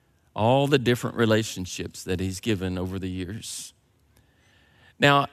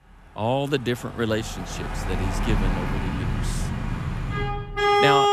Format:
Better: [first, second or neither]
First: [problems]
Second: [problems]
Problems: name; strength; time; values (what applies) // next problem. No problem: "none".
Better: first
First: none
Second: traffic noise; very loud; throughout; 2 dB above the speech